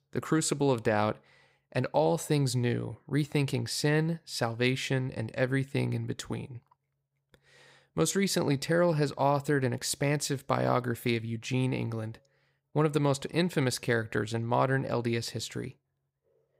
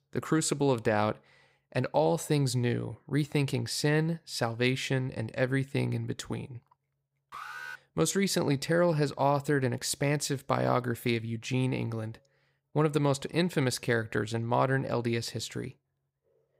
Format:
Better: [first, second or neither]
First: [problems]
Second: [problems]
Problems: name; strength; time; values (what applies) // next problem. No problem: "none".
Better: first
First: none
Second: alarm; faint; at 7.5 s; peak 10 dB below the speech